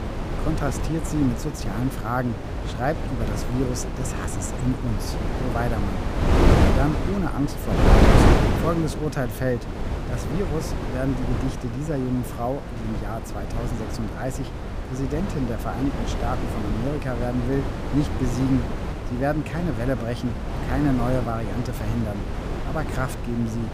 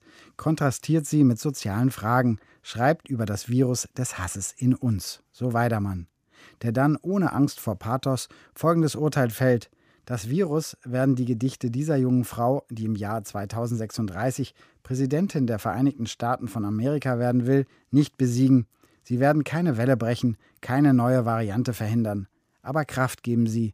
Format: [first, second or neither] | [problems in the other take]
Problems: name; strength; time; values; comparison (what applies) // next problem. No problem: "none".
second | wind noise on the microphone; heavy; as loud as the speech